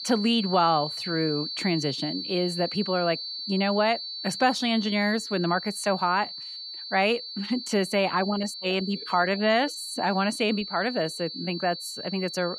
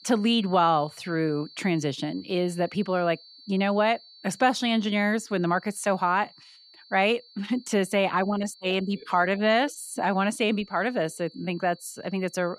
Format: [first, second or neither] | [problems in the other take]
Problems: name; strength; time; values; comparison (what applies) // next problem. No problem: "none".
second | high-pitched whine; loud; throughout; 4.5 kHz, 7 dB below the speech; faint in the second